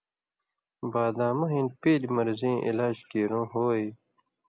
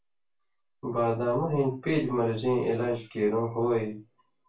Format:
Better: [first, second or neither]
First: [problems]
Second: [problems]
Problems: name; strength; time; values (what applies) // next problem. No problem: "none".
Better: first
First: none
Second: room echo; dies away in 0.2 s